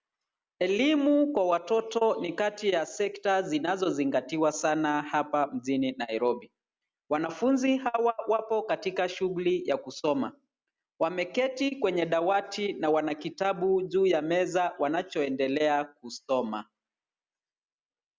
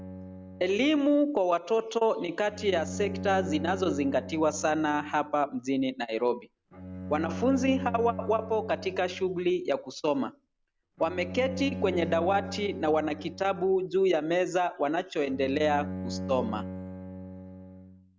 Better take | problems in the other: first | background sound (Bowed string instrument); 11 dB below the speech

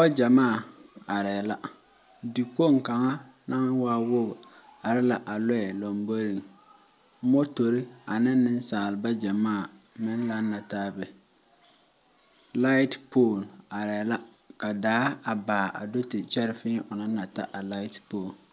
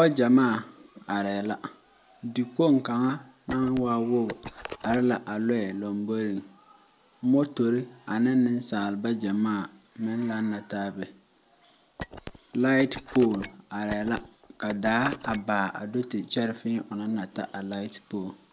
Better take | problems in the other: first | background sound (Telephone); 14 dB below the speech

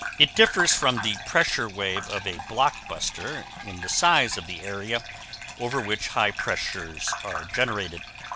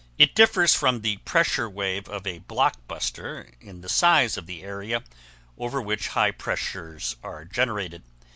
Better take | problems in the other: second | background sound (Bathtub (filling or washing) / Gurgling); 10 dB below the speech

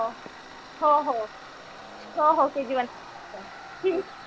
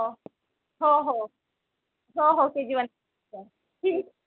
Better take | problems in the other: second | background sound (Tools); 15 dB below the speech

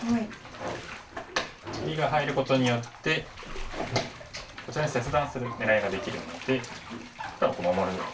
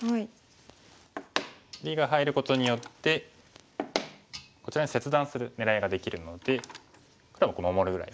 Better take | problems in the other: second | background sound (Bathtub (filling or washing)); 9 dB below the speech // room echo; dies away in 0.2 s

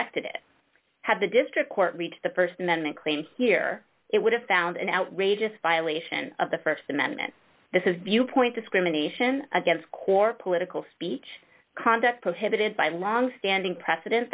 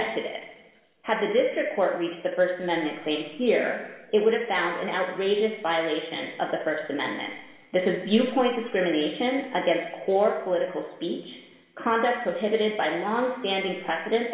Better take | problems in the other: first | room echo; dies away in 1.3 s

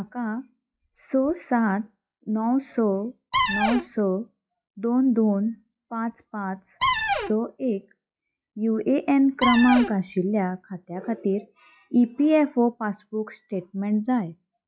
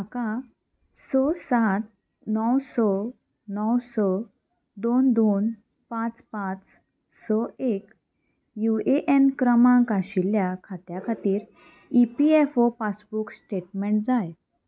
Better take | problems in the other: second | noise reduction (classical method log-MMSE)

